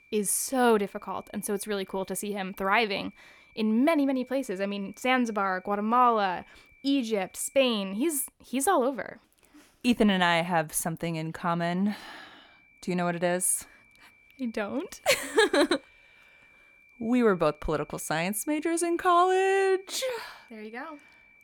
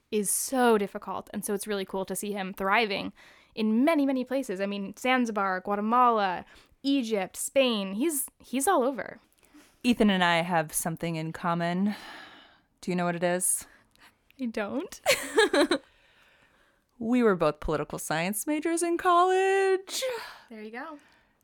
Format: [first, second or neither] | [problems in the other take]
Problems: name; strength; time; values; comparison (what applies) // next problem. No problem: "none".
second | high-pitched whine; faint; until 8.5 s and from 12 s on; 2.5 kHz, 30 dB below the speech